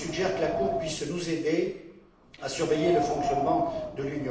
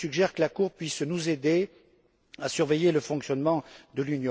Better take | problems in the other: second | background sound (Wind); 4 dB below the speech // room echo; dies away in 0.7 s

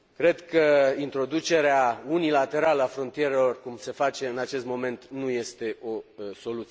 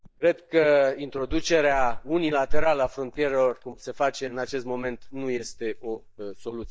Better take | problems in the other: first | noise reduction (neural mask model DeepFilterNet 3)

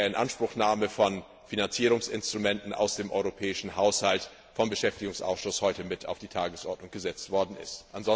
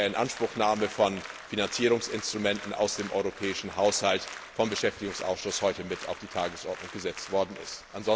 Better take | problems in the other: first | background sound (Applause); 14 dB below the speech

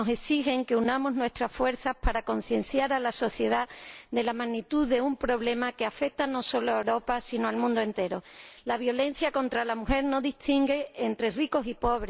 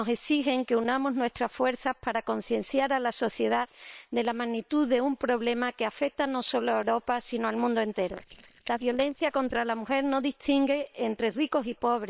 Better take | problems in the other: first | noise reduction (neural separator model SepFormer WHAM!)

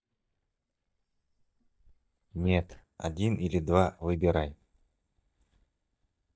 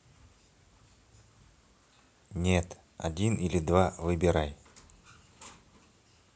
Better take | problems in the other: second | noise reduction (neural mask model DeepFilterNet 3)

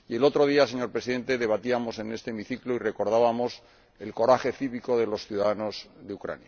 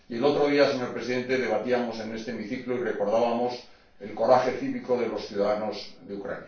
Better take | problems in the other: first | room echo; dies away in 0.3 s

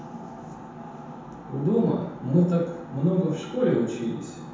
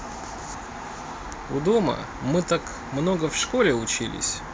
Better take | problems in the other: second | room echo; dies away in 0.9 s

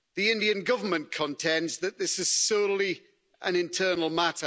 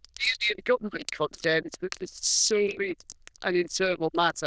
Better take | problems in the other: first | noise reduction (neural diffusion model UNIVERSE++)

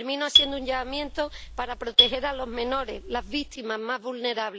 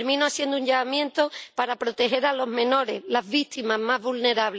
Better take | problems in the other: second | background sound (Marimba, xylophone); 3 dB above the speech

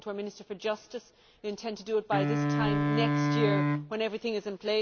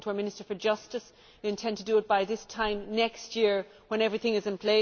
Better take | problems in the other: second | background sound (Wind instrument, woodwind instrument); 4 dB above the speech

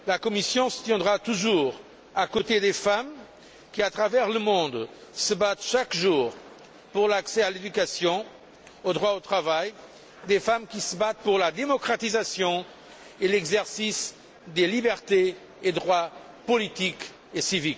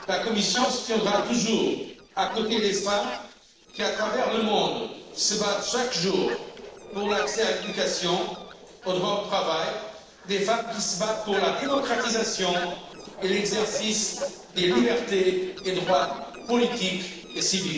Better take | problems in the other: first | noise reduction (neural separator model SepFormer DNS4)

